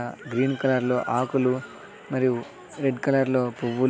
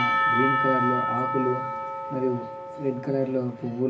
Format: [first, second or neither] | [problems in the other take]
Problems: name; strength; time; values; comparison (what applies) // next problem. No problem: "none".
first | background sound (Church bell / Percussion); 1 dB above the speech // room echo; dies away in 0.4 s